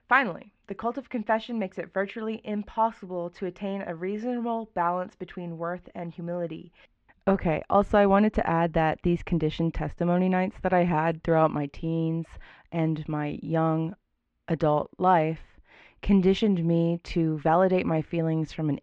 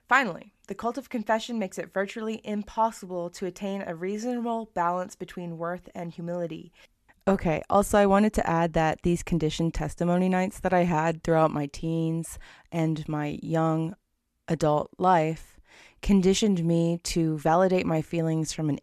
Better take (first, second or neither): second